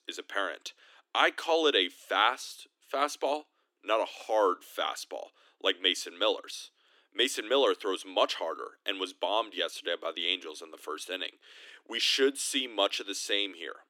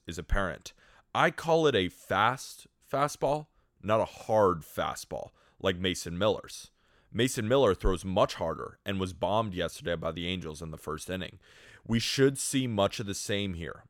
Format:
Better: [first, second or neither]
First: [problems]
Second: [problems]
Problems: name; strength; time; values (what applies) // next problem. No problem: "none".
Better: second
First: thin; somewhat; fading below 300 Hz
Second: none